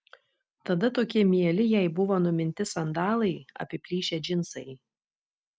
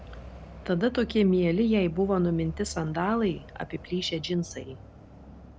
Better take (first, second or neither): first